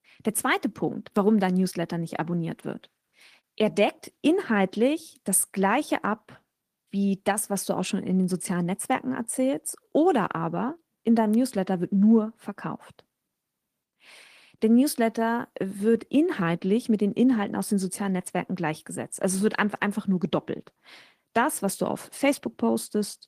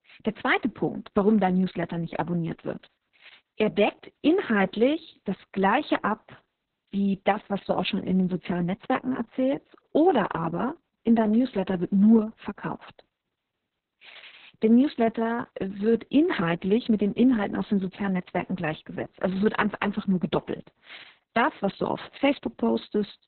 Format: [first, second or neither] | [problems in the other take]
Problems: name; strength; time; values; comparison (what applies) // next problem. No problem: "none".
first | garbled, watery; badly; nothing above 4 kHz; slightly in the first